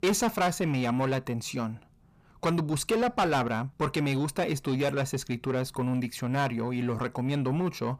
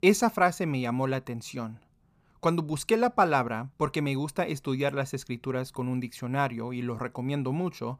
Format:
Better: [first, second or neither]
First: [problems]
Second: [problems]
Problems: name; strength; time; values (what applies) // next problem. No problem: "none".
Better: second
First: distortion; heavy; 7 dB below the speech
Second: none